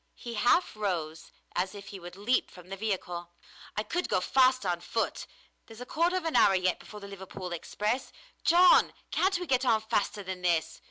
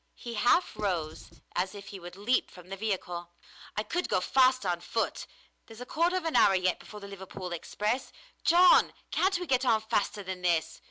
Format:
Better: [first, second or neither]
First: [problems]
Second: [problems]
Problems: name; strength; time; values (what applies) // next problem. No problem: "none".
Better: first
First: none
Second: background sound (Writing); 15 dB below the speech